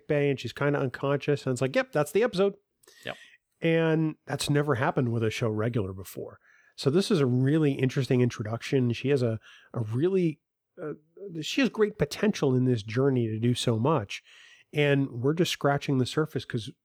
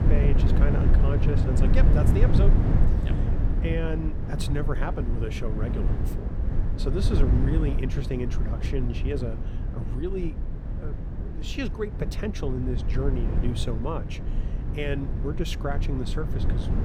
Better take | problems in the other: first | low rumble; loud; throughout; 3 dB below the speech

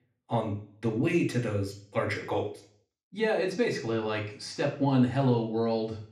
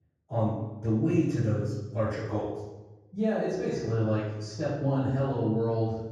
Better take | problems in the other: first | room echo; strong; dies away in 1.3 s; slight in the first // off-mic speech; far; somewhat distant in the first

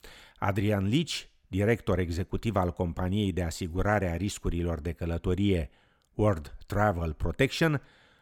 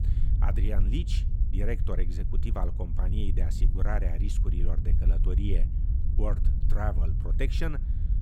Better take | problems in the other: first | low rumble; loud; throughout; 8 dB below the speech

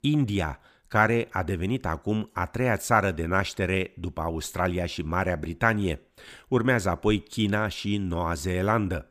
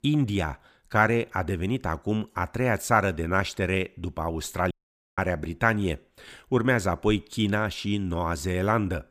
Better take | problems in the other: first | audio cutting out; at 4.5 s

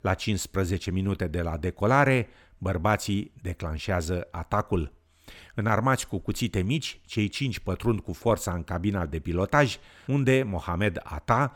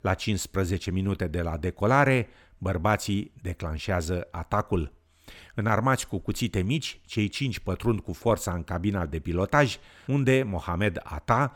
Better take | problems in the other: neither | none

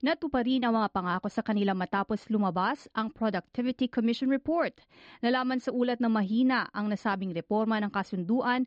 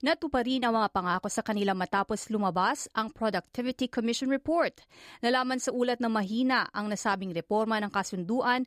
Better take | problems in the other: second | muffled; very slightly; fading above 4.5 kHz

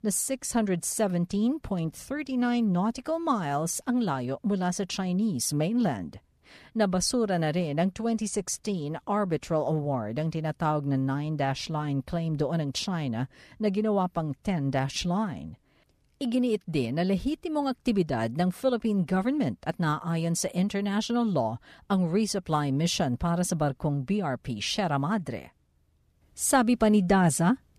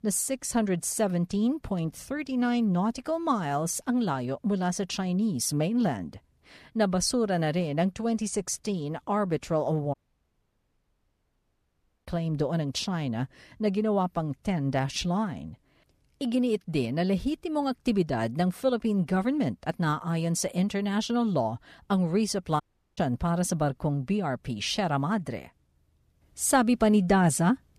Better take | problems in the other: first | audio cutting out; at 10 s for 2 s and at 23 s

